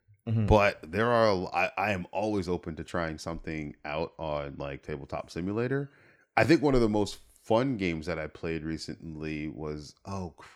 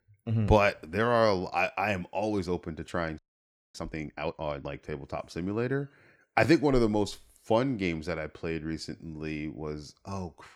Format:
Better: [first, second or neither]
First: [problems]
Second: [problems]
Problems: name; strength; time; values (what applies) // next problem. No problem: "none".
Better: first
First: none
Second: audio freezing; at 3 s for 0.5 s